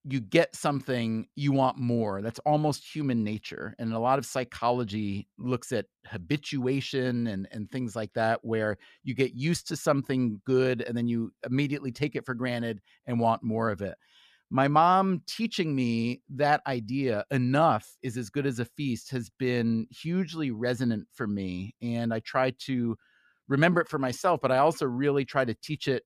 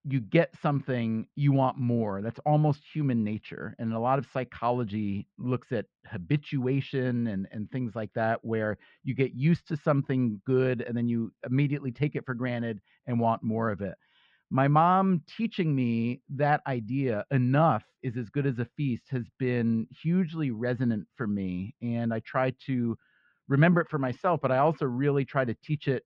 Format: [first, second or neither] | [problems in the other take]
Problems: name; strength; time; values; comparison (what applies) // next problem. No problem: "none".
first | muffled; slightly; fading above 3 kHz